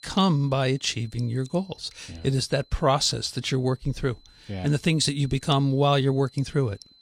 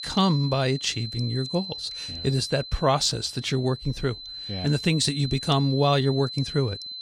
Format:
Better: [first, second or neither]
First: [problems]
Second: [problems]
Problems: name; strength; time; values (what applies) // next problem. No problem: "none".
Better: first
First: high-pitched whine; faint; throughout; 4 kHz, 30 dB below the speech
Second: high-pitched whine; loud; throughout; 4 kHz, 9 dB below the speech